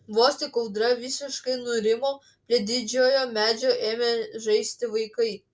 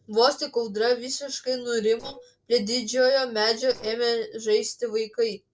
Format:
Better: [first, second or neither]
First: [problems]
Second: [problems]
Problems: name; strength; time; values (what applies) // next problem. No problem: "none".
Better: first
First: none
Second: noise reduction (neural separator model SepFormer DNS4)